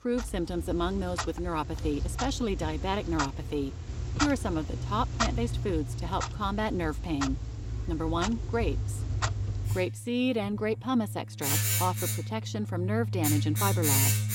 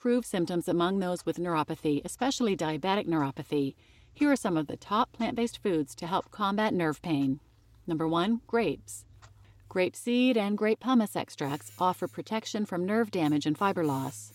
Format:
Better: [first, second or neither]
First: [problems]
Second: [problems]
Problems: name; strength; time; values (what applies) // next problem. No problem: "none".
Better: second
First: household noises; loud; throughout; as loud as the speech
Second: household noises; faint; throughout; 30 dB below the speech